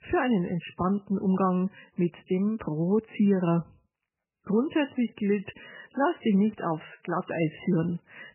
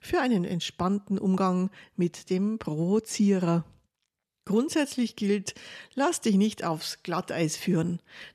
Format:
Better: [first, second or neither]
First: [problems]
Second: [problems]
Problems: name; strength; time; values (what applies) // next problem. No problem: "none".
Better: second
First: garbled, watery; badly; nothing above 3 kHz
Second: none